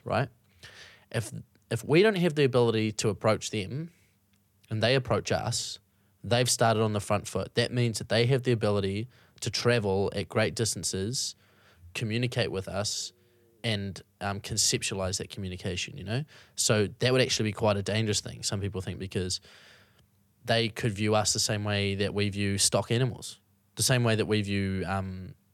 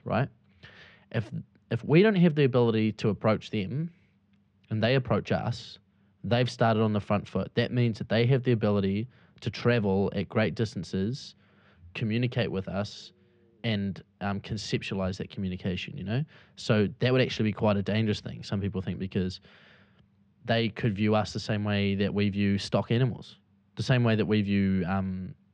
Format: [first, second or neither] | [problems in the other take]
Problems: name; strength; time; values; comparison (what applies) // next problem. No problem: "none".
first | muffled; slightly; fading above 3.5 kHz